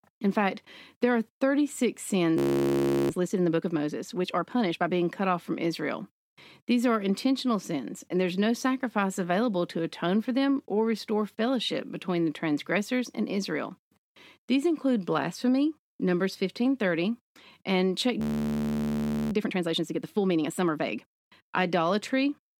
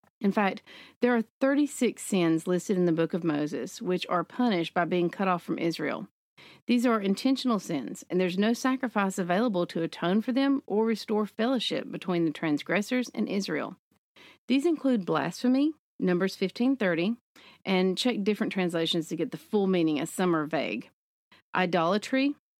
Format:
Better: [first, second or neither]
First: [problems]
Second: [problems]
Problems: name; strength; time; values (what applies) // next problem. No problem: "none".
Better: second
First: audio freezing; at 2.5 s for 0.5 s and at 18 s for 1 s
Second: none